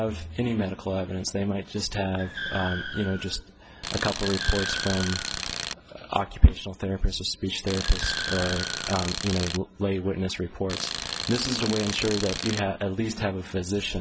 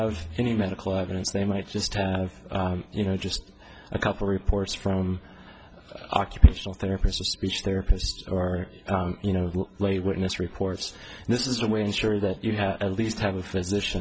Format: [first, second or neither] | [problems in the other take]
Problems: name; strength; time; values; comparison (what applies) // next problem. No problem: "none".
second | background sound (Tools + Car); 5 dB below the speech